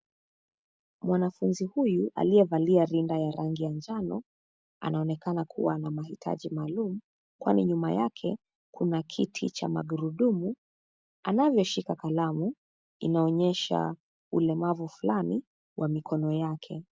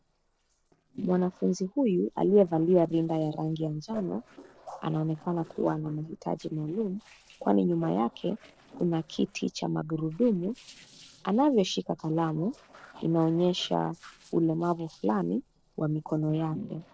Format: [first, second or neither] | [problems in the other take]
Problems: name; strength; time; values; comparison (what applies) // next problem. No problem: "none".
first | noise reduction (neural separator model SepFormer DNS4)